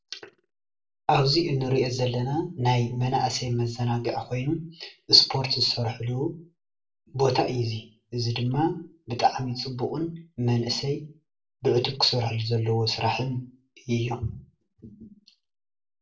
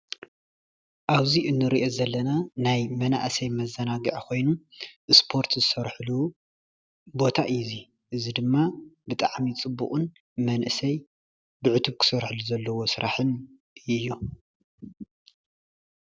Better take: second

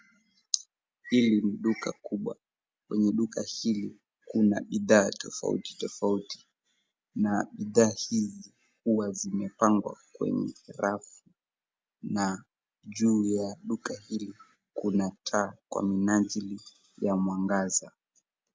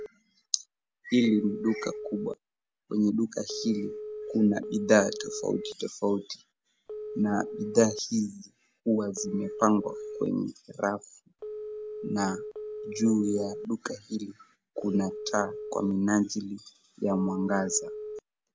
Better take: first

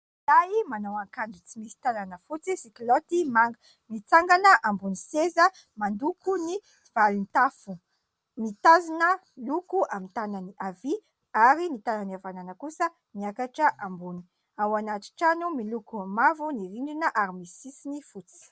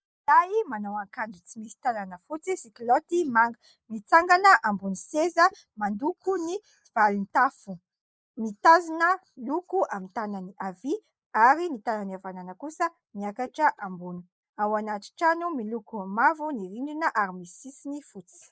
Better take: first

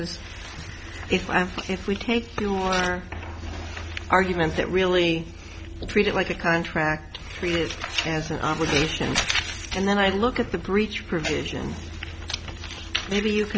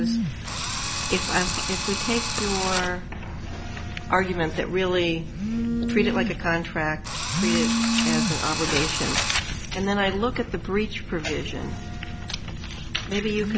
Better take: first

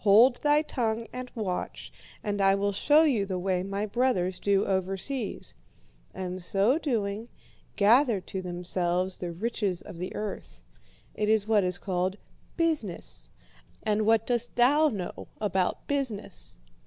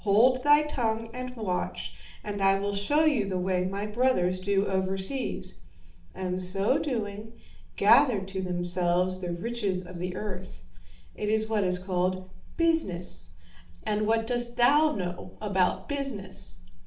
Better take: first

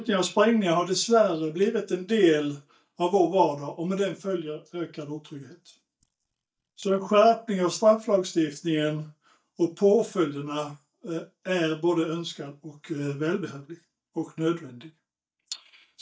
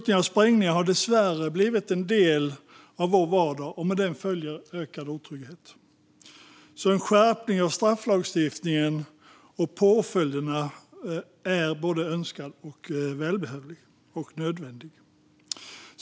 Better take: second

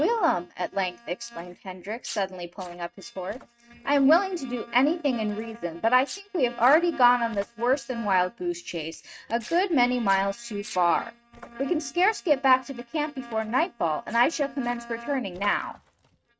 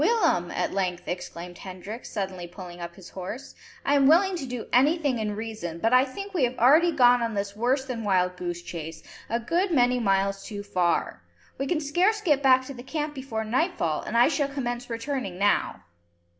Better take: second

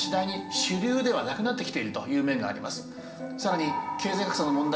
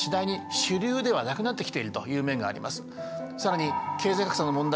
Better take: second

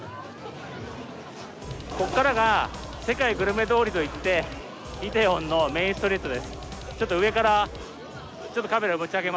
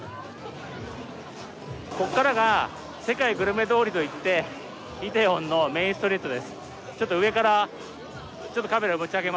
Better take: second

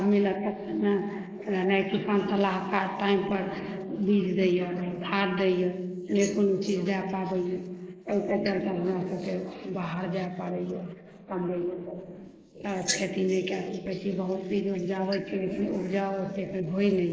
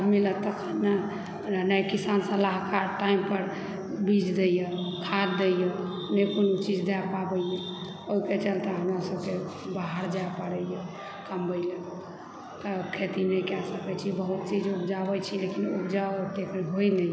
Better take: second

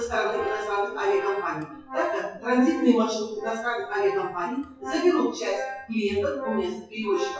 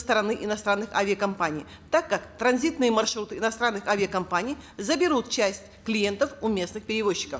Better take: second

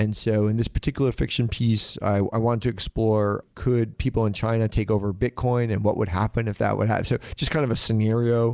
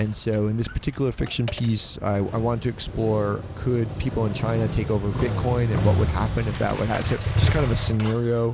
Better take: first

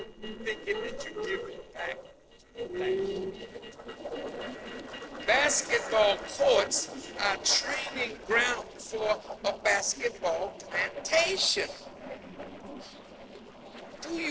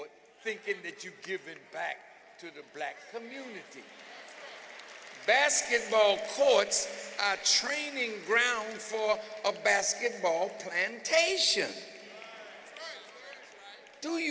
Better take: second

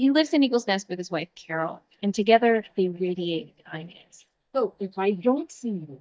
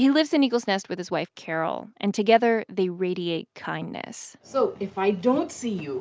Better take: second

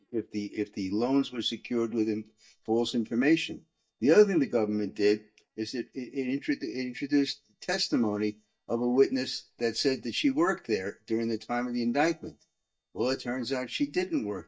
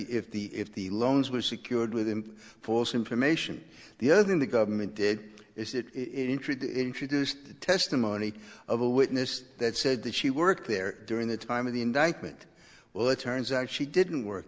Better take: second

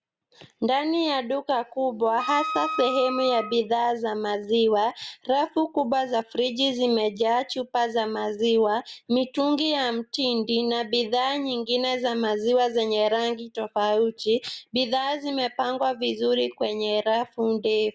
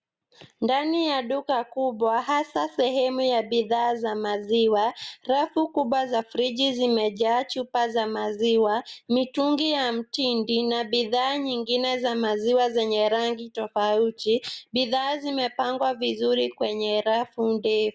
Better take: second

